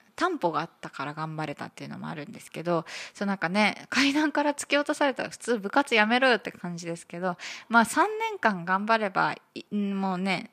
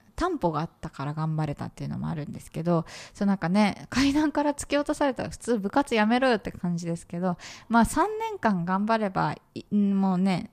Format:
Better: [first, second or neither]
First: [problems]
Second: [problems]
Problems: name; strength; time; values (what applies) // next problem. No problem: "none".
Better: second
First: thin; very slightly; fading below 250 Hz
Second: none